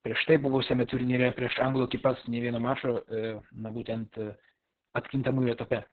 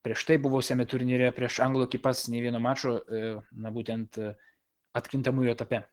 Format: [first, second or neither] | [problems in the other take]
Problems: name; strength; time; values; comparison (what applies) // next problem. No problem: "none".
second | garbled, watery; badly; nothing above 4 kHz; slightly in the second